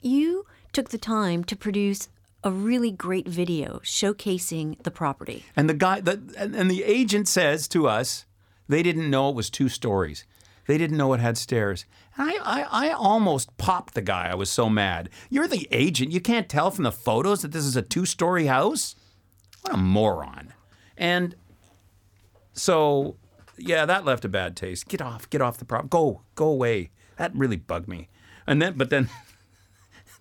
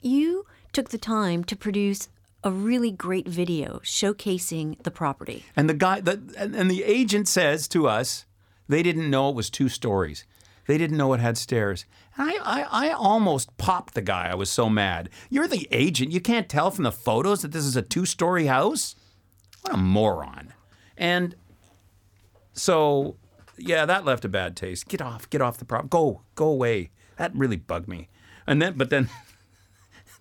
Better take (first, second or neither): neither